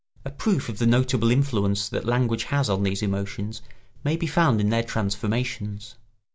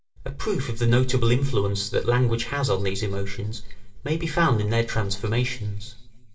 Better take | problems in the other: first | room echo; dies away in 0.8 s

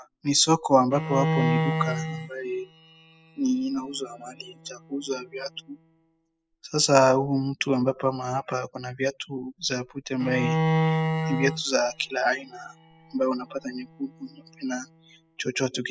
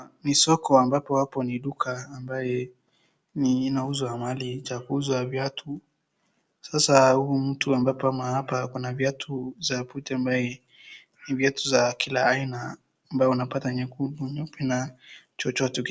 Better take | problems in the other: second | noise reduction (classical method spectral subtraction)

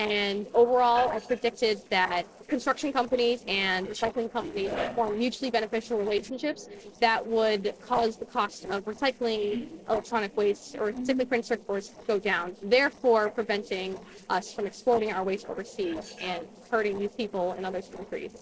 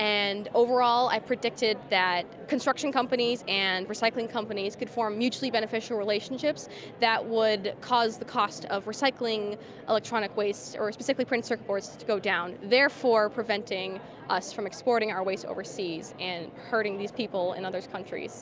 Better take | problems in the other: second | noise reduction (neural separator model SepFormer DNS4)

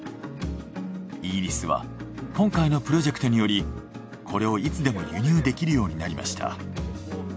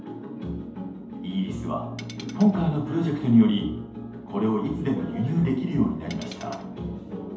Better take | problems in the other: first | background sound (Tools); 20 dB below the speech // room echo; dies away in 2.2 s

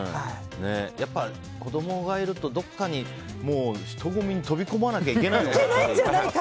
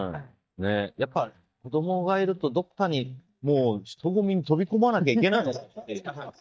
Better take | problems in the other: first | noise reduction (neural mask model DeepFilterNet 3)

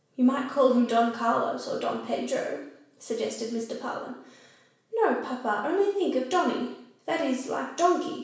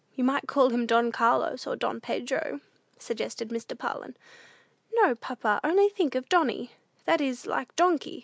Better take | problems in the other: second | room echo; dies away in 0.7 s

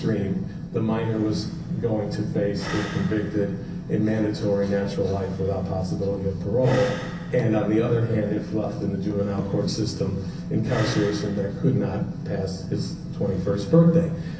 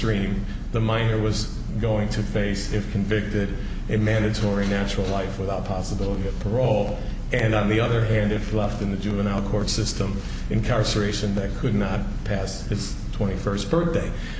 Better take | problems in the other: second | background sound (Breathing); 18 dB below the speech // room echo; dies away in 0.3 s

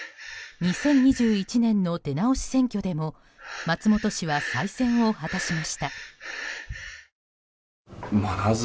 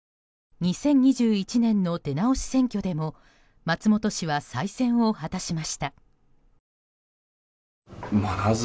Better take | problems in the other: second | background sound (Breathing); 13 dB below the speech

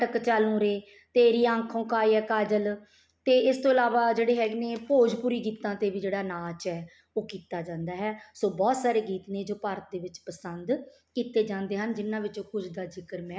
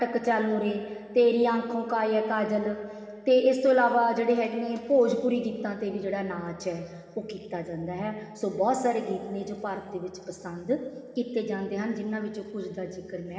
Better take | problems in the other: first | room echo; dies away in 2.8 s

